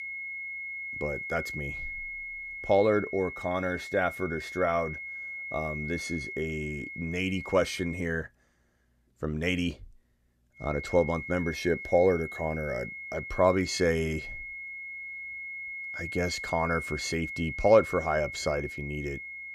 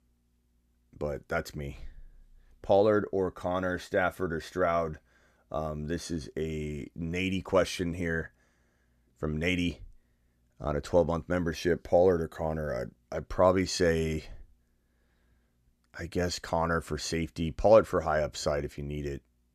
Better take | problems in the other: second | high-pitched whine; loud; until 8 s and from 11 s on; 2 kHz, 8 dB below the speech

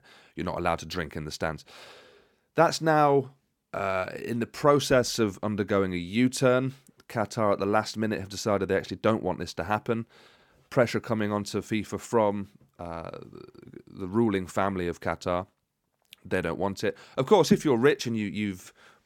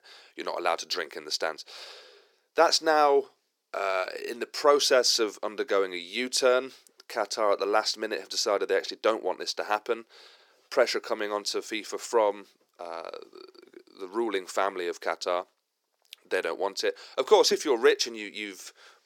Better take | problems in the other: first | thin; very; fading below 400 Hz

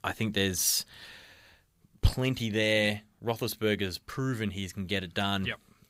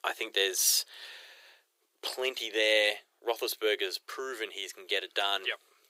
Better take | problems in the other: first | thin; very; fading below 350 Hz

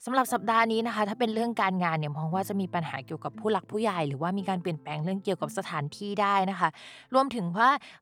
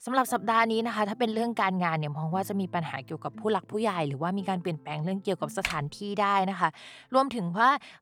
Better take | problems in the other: first | keyboard typing; noticeable; at 5.5 s; peak 5 dB below the speech

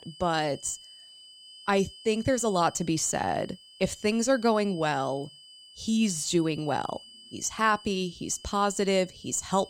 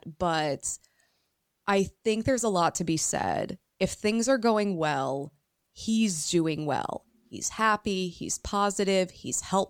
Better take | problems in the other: second | high-pitched whine; noticeable; throughout; 3 kHz, 20 dB below the speech

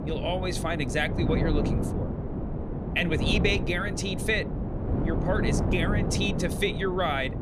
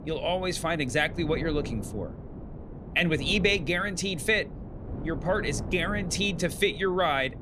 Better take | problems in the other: second | wind noise on the microphone; heavy; 7 dB below the speech; occasional gusts in the second

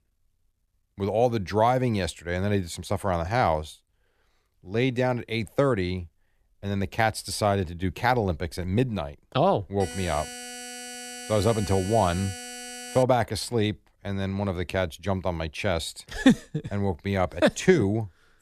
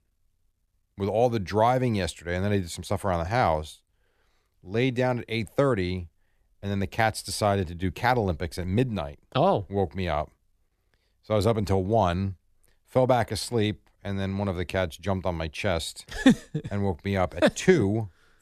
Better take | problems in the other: second | alarm; faint; from 10 to 13 s; peak 10 dB below the speech

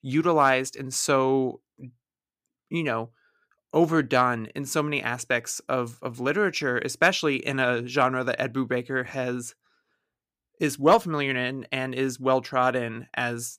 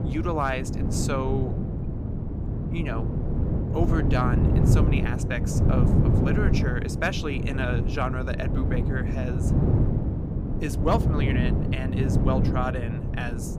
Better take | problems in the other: first | wind noise on the microphone; heavy; 3 dB below the speech

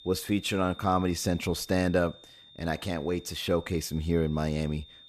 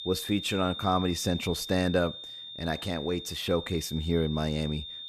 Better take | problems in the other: first | high-pitched whine; loud; throughout; 3.5 kHz, 9 dB below the speech; faint in the first

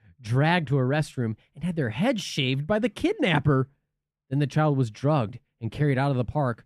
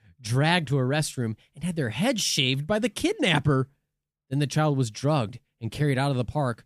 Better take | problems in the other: second | muffled; slightly; fading above 3.5 kHz

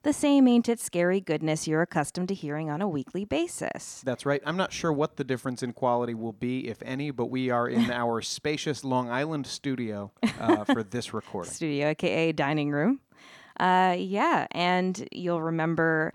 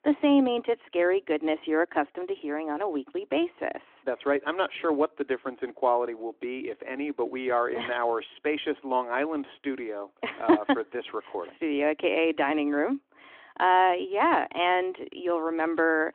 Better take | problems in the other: first | phone-call audio

